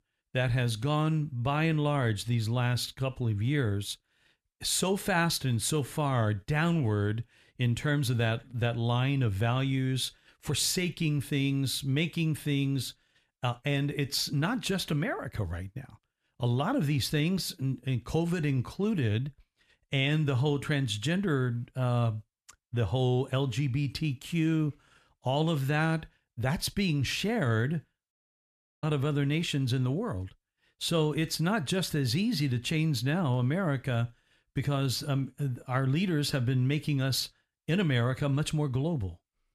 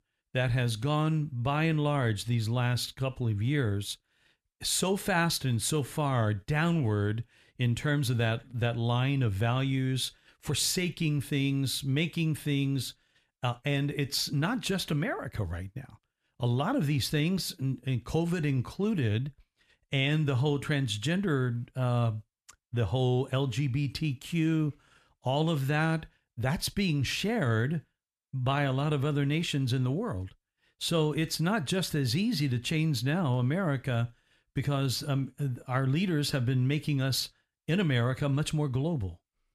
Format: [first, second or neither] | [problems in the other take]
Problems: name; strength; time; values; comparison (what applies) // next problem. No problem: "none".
second | audio cutting out; at 28 s for 0.5 s